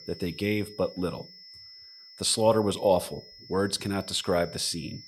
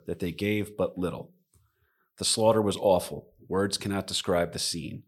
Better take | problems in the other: second | high-pitched whine; noticeable; throughout; 5 kHz, 20 dB below the speech

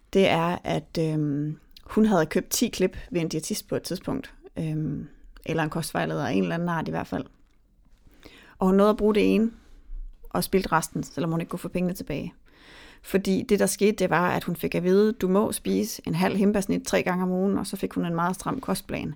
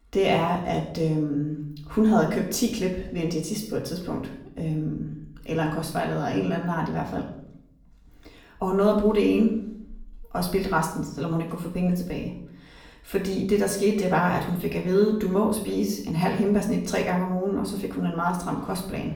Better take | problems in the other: first | off-mic speech; far // room echo; slight; dies away in 0.6 s

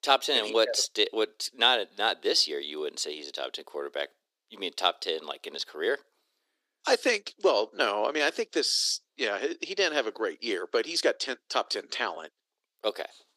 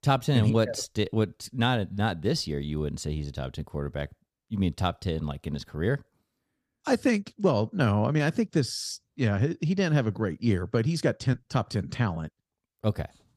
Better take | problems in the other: second | thin; very; fading below 350 Hz

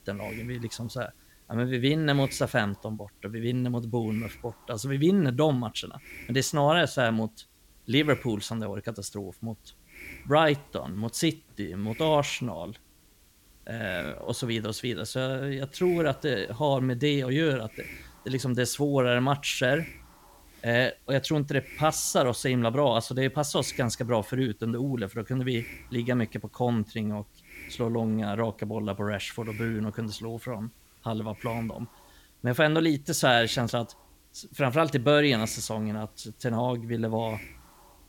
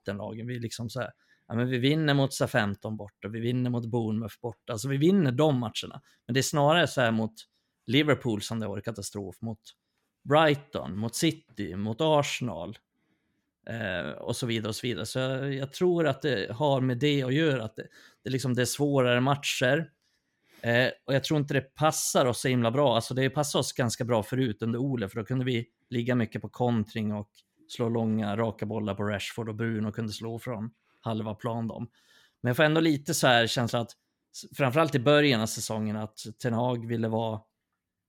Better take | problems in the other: second | hiss; faint; throughout; 20 dB below the speech

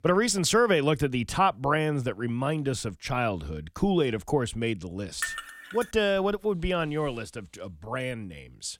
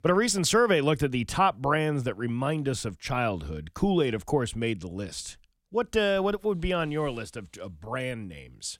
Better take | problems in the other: second | clattering dishes; noticeable; at 5 s; peak 6 dB below the speech

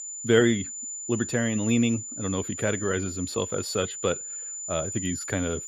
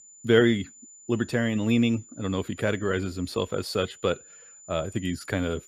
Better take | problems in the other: second | high-pitched whine; loud; throughout; 7 kHz, 6 dB below the speech; faint in the second

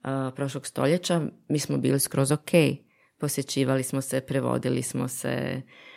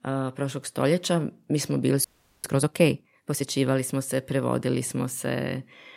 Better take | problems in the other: first | audio freezing; at 2 s

